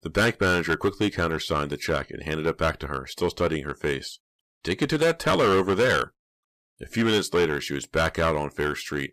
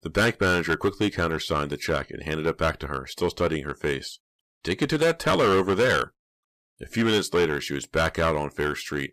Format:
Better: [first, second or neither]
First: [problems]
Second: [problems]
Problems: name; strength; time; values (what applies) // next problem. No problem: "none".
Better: neither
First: distortion; heavy; 6% of the sound clipped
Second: distortion; heavy; 6% of the sound clipped